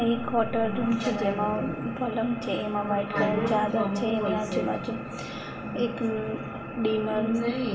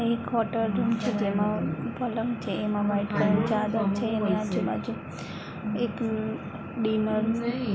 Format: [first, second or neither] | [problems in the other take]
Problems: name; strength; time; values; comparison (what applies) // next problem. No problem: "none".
second | room echo; dies away in 2.9 s